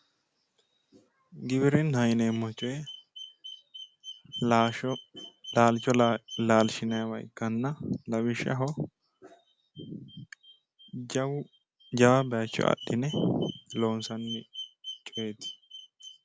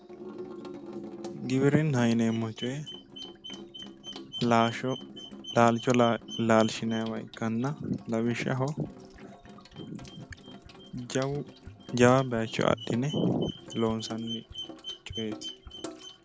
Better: first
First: none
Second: background sound (Sink (filling or washing) / Water tap, faucet); 16 dB below the speech

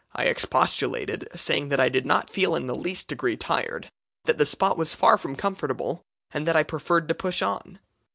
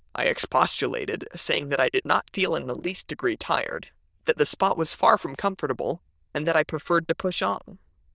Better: first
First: none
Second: noise reduction (neural diffusion model UNIVERSE++)

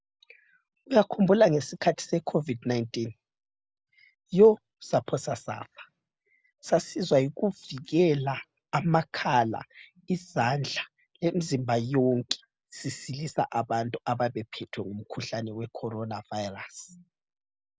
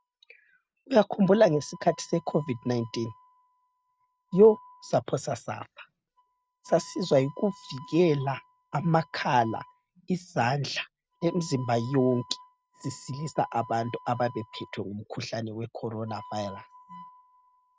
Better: first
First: none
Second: noise reduction (neural mask model RNNoise)

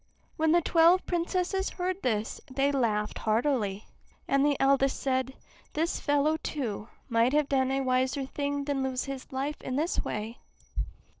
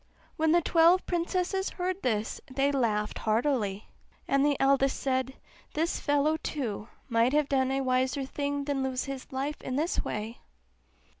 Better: second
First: noise reduction (neural separator model SepFormer DNS4)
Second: none

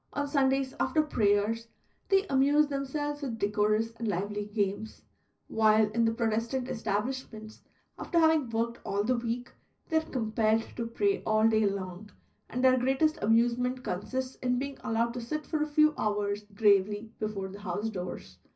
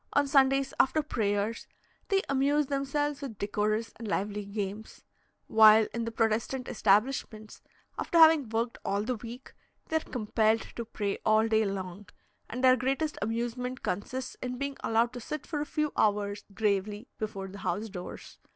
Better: second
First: room echo; dies away in 0.4 s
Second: none

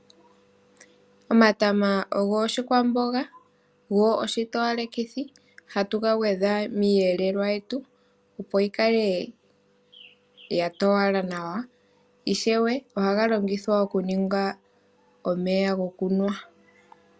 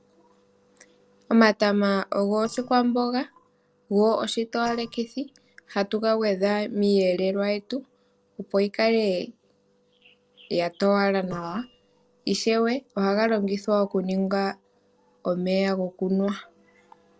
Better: first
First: none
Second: noise reduction (neural separator model SepFormer DNS4)

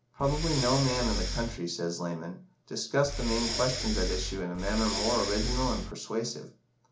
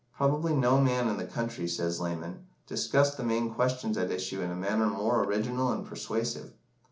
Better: second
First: background sound (Breathing); 1 dB below the speech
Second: none

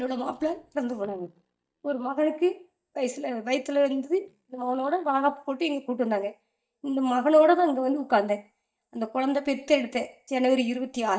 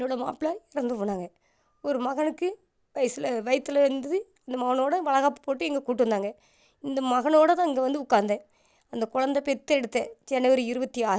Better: second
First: noise reduction (neural mask model DeepFilterNet 3)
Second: none

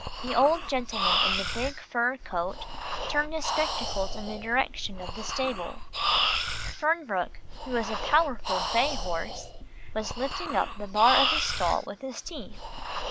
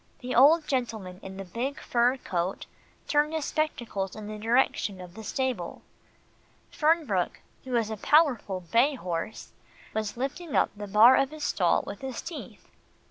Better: second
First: background sound (Breathing); 1 dB below the speech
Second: none

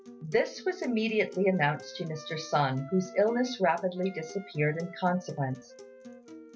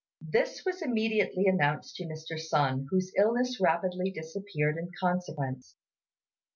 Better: second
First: background sound (Acoustic guitar + Wind instrument, woodwind instrument); 18 dB below the speech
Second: none

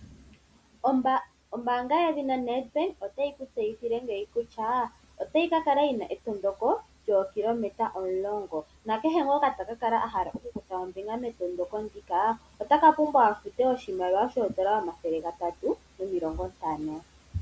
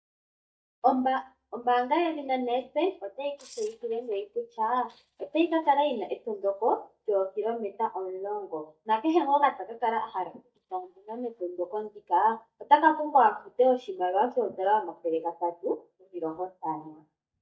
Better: first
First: none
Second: noise reduction (neural mask model DeepFilterNet 3)

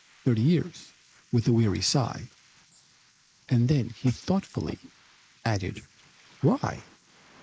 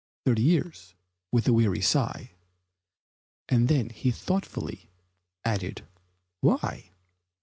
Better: second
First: noise reduction (neural mask model Resemble Enhance denoiser)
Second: none

